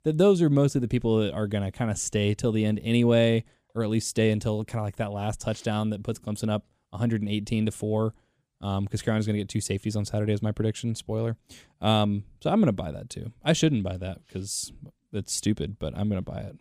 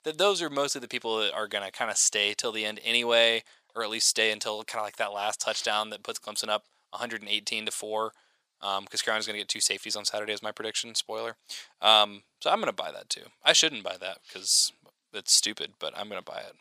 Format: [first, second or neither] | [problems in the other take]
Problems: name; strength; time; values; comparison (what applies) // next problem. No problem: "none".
first | thin; very; fading below 950 Hz